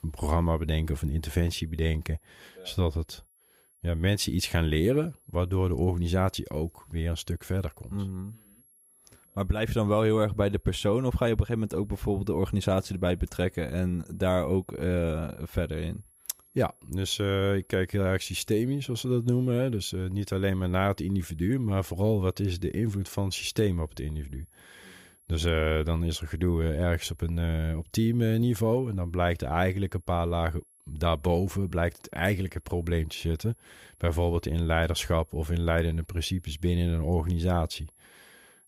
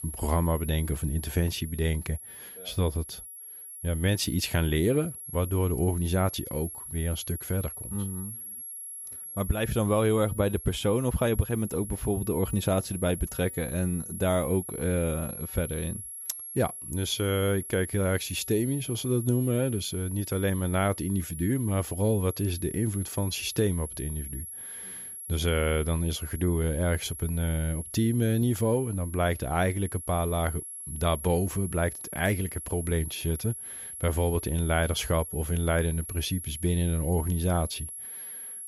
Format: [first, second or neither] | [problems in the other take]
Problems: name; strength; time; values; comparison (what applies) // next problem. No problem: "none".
first | high-pitched whine; loud; throughout; 11 kHz, 9 dB below the speech; faint in the first